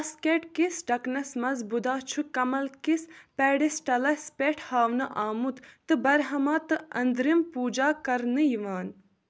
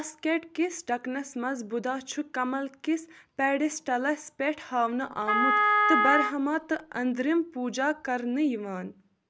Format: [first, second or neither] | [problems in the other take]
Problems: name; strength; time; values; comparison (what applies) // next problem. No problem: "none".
first | background sound (Wind instrument, woodwind instrument); 4 dB above the speech